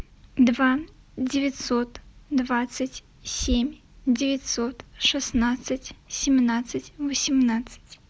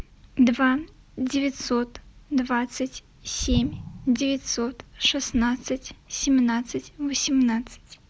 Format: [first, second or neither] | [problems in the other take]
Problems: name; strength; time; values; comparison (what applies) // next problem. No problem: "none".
first | background sound (Explosion); 10 dB below the speech